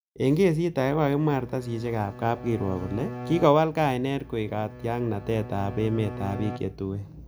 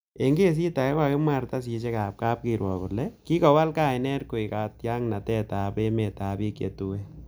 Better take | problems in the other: second | background sound (Bowed string instrument); 13 dB below the speech

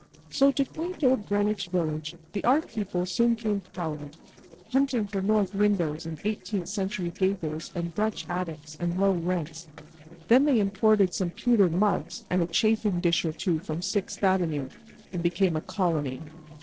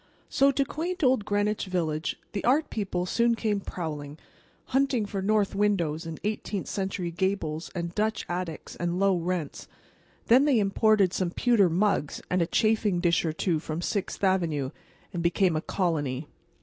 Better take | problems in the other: second | noise reduction (neural separator model SepFormer DNS4)

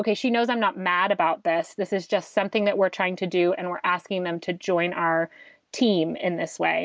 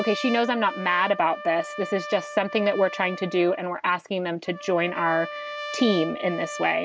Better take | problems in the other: first | background sound (Trumpet); 11 dB below the speech

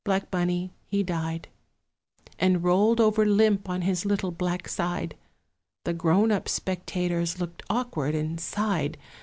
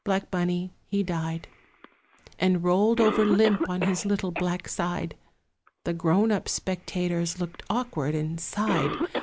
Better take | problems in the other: first | background sound (Cough); 10 dB below the speech

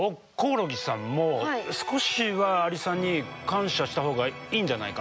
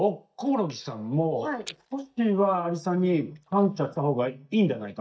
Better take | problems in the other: first | noise reduction (neural mask model DeepFilterNet 3)

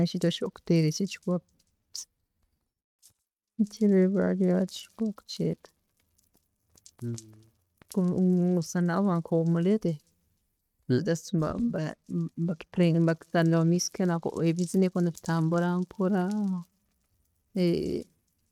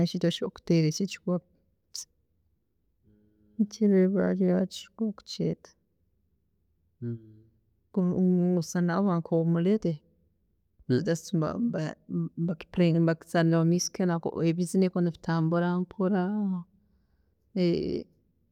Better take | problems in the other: second | noise reduction (neural mask model RNNoise)

